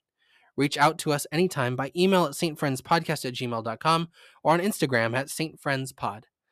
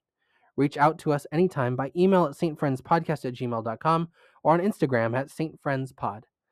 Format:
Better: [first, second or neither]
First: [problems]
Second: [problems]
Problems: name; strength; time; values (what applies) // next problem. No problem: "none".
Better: first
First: none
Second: muffled; slightly; fading above 2 kHz